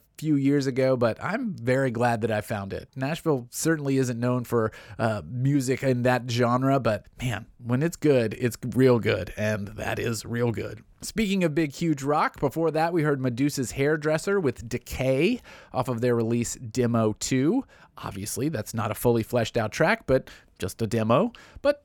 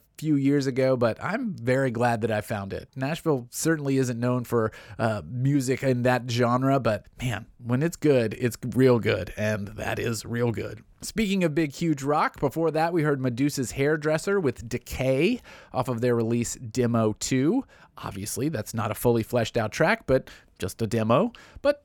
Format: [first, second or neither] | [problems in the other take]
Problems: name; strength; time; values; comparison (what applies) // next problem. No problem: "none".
neither | none